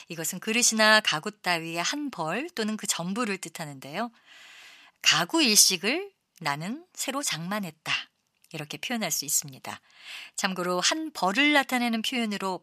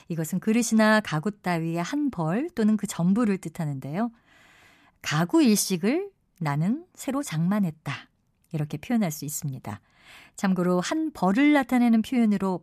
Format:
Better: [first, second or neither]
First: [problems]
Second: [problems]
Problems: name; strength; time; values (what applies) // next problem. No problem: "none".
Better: second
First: thin; somewhat; fading below 1 kHz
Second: none